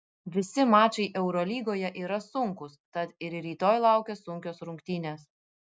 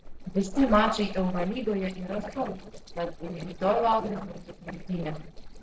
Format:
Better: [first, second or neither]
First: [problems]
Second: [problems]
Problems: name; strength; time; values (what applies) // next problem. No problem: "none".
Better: first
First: none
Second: noise reduction (neural separator model SepFormer DNS4)